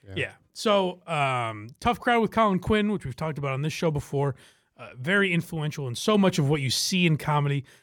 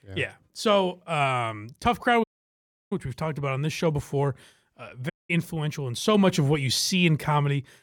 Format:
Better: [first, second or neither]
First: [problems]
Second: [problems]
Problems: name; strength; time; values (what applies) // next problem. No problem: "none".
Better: first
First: none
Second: audio cutting out; at 2 s for 0.5 s and at 5 s